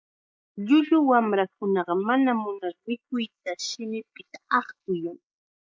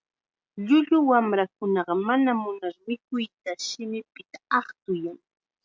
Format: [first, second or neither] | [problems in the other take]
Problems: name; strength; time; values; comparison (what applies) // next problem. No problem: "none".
second | noise reduction (neural mask model Resemble Enhance denoiser)